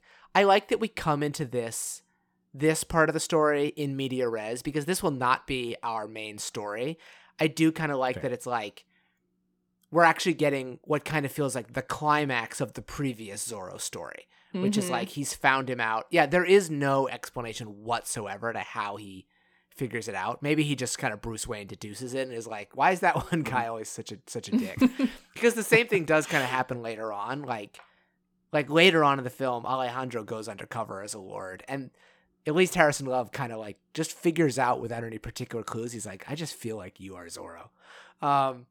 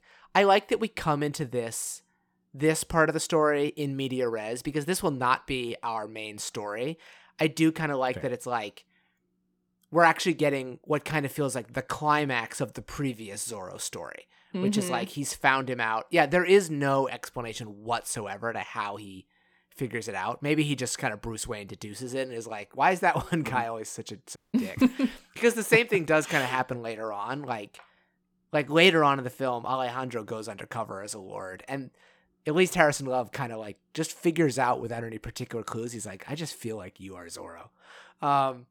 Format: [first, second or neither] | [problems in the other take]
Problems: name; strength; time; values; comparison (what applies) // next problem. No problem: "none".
first | audio cutting out; at 24 s